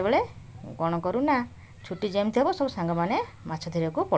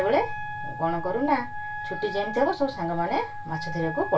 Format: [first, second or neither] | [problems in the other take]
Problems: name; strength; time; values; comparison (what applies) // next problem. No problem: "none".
first | background sound (Wind instrument, woodwind instrument); 8 dB below the speech // room echo; dies away in 0.2 s